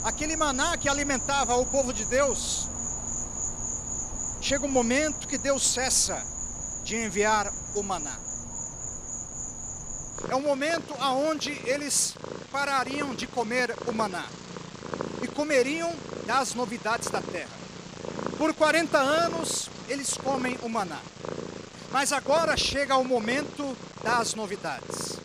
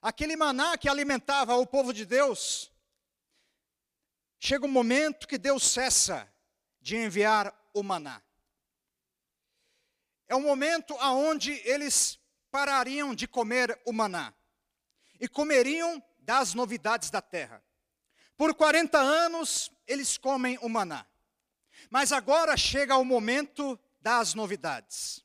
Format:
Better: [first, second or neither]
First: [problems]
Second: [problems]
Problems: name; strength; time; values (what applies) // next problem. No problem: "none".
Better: second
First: animal sounds; loud; throughout; 7 dB below the speech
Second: none